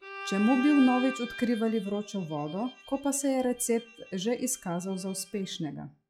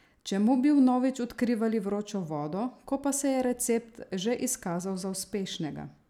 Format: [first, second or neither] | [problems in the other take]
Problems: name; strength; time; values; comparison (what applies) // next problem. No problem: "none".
second | noise reduction (classical method log-MMSE)